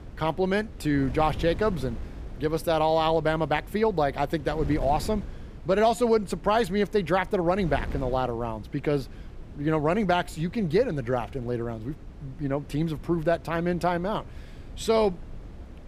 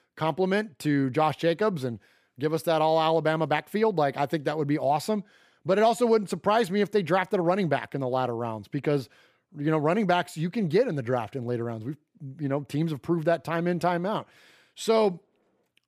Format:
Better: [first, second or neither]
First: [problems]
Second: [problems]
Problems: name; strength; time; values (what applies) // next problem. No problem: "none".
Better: second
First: wind noise on the microphone; occasional gusts; 25 dB below the speech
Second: none